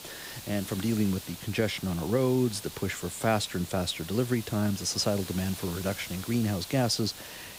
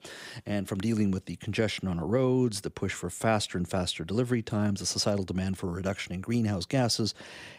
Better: second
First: hiss; noticeable; throughout; 10 dB below the speech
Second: none

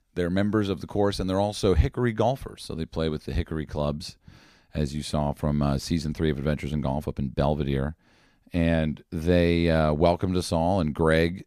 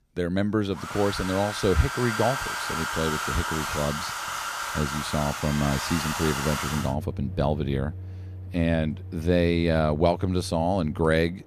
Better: first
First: none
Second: household noises; loud; throughout; 6 dB below the speech

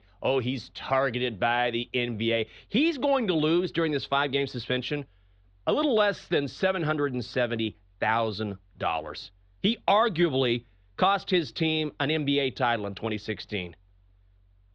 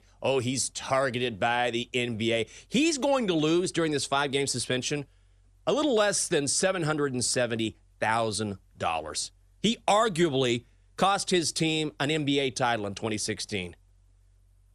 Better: second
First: muffled; slightly; fading above 4 kHz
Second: none

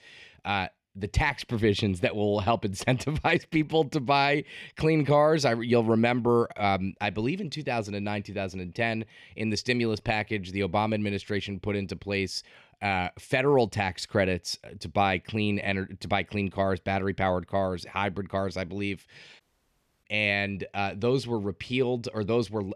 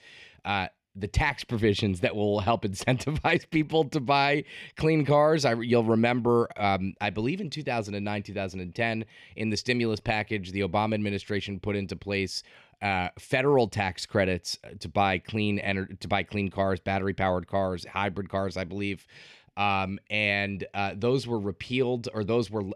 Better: second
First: audio cutting out; at 19 s for 0.5 s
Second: none

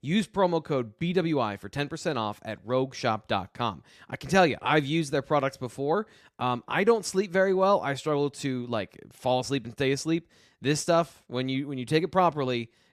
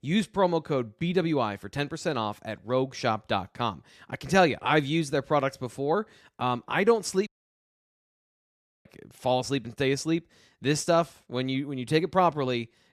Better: first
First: none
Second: audio cutting out; at 7.5 s for 1.5 s

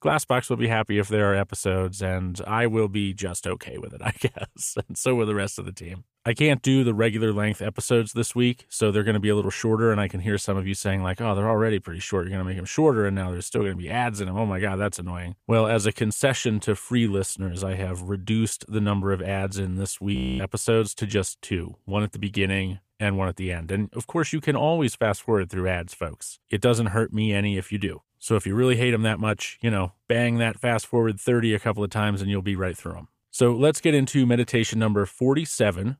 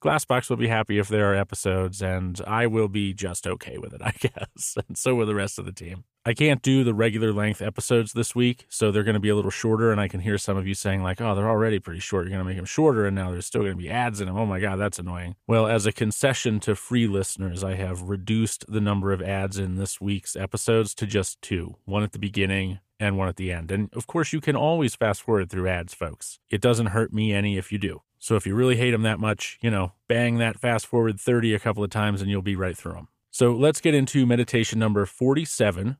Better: second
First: audio freezing; at 20 s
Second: none

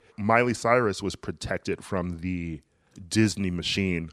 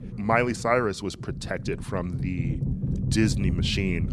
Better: first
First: none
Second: low rumble; noticeable; throughout; 15 dB below the speech

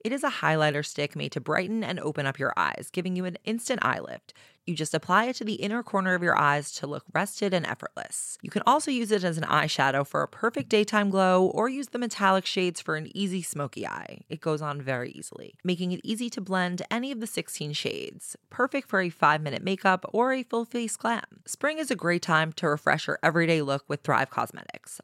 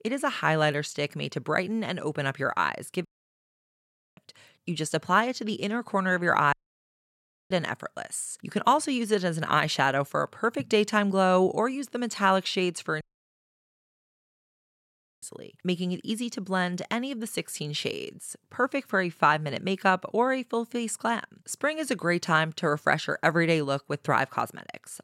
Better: first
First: none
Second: audio cutting out; at 3 s for 1 s, at 6.5 s for 1 s and at 13 s for 2 s

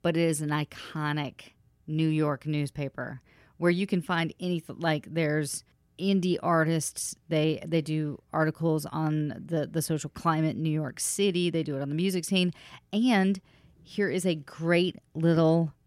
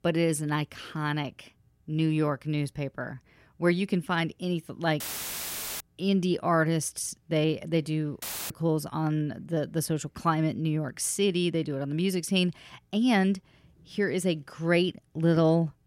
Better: first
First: none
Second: audio cutting out; filled with static; at 5 s for 1 s and at 8 s

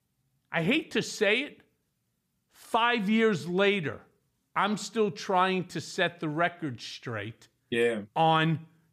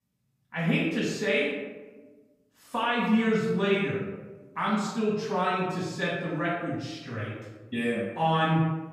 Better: first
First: none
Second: off-mic speech; far // room echo; noticeable; dies away in 1 s

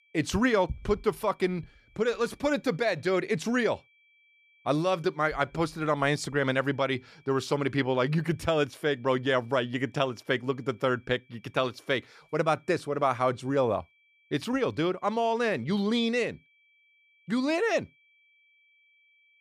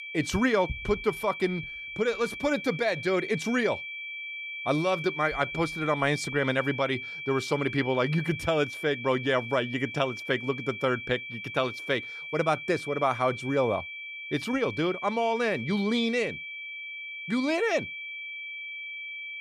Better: first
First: high-pitched whine; faint; throughout; 2.5 kHz, 35 dB below the speech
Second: high-pitched whine; loud; throughout; 2.5 kHz, 8 dB below the speech

